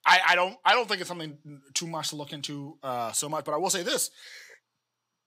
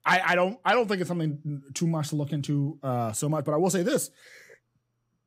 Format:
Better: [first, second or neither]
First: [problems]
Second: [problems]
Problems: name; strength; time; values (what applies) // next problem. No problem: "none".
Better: second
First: thin; somewhat; fading below 1 kHz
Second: none